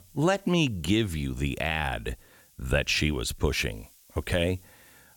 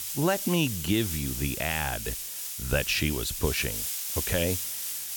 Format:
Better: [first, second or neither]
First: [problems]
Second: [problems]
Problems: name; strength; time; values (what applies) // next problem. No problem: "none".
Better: first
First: hiss; faint; throughout; 30 dB below the speech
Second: hiss; loud; throughout; 3 dB below the speech